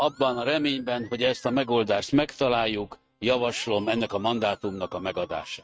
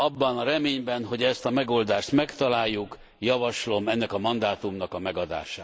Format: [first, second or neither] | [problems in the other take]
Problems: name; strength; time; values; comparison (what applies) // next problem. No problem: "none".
second | noise reduction (neural mask model RNNoise)